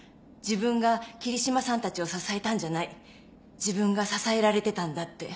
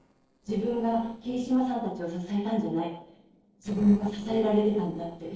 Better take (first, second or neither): first